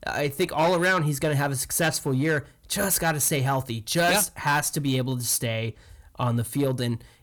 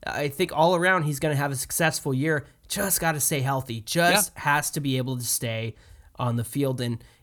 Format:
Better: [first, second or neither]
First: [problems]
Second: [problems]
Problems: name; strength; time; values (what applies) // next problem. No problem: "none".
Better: second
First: distortion; slight; 6% of the sound clipped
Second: none